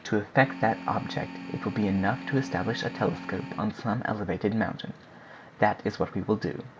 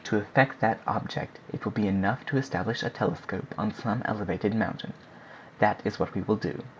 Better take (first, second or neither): second